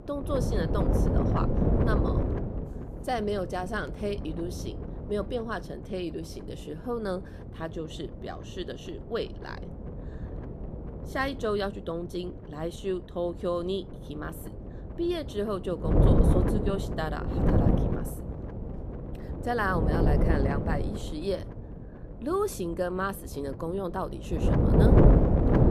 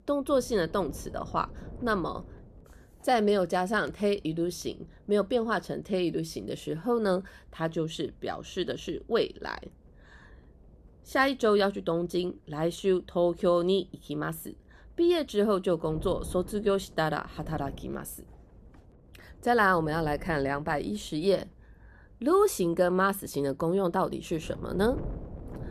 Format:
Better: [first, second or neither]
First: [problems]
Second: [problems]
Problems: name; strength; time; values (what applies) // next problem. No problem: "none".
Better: second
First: wind noise on the microphone; heavy; as loud as the speech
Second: wind noise on the microphone; occasional gusts; 25 dB below the speech